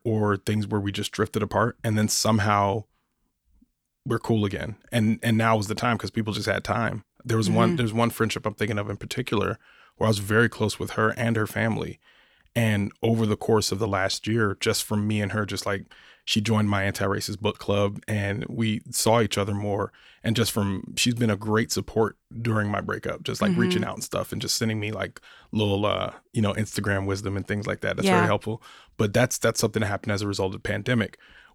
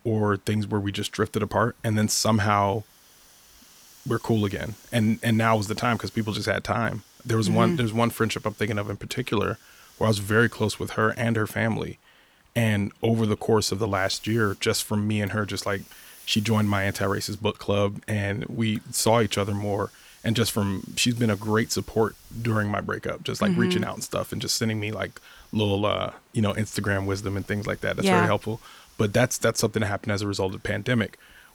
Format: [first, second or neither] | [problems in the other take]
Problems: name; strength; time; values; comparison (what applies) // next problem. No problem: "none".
first | hiss; faint; throughout; 25 dB below the speech